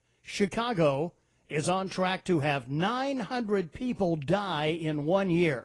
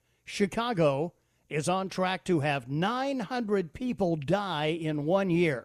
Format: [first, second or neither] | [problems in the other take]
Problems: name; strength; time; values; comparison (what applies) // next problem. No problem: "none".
second | garbled, watery; slightly